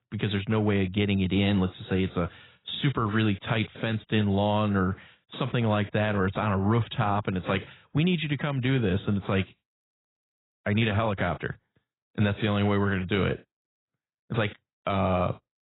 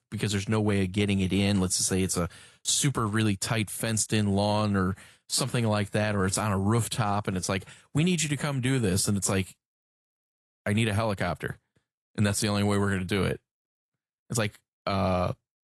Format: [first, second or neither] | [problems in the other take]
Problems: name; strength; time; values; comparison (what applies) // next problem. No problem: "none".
second | garbled, watery; badly; nothing above 4 kHz; slightly in the second